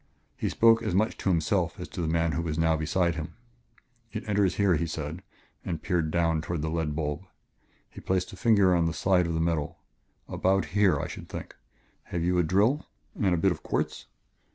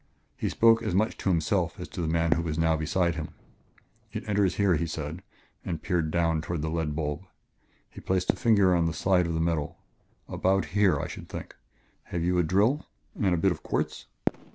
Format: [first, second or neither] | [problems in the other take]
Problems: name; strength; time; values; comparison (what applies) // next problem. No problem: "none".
first | background sound (Fireworks); 15 dB below the speech